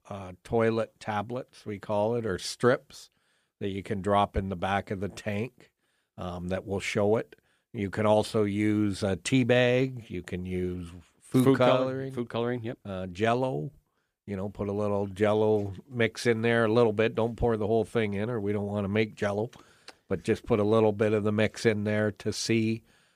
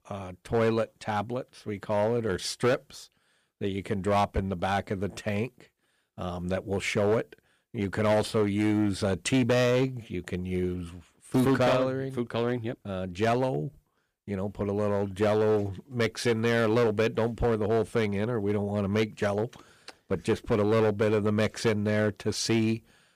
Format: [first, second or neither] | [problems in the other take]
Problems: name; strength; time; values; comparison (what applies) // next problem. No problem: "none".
first | distortion; slight; 5% of the sound clipped